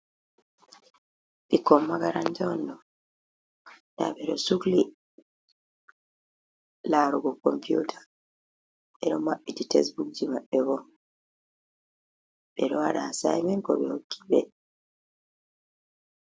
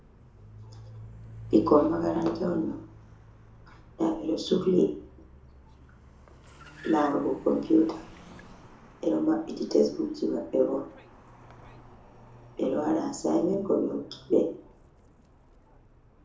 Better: first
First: none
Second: background sound (Car); 20 dB below the speech // room echo; dies away in 0.5 s

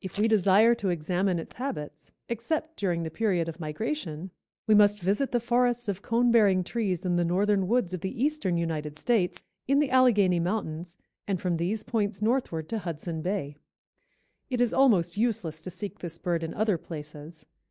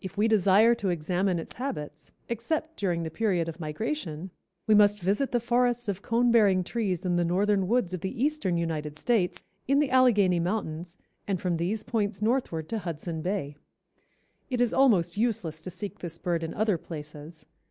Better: second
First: noise reduction (neural mask model DeepFilterNet 3)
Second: none

